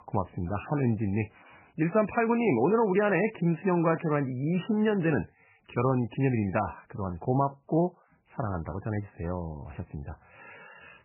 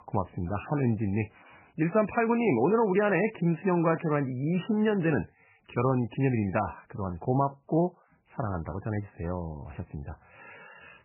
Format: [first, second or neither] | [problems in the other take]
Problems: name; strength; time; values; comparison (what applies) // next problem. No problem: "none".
neither | garbled, watery; badly; nothing above 3 kHz; the same in both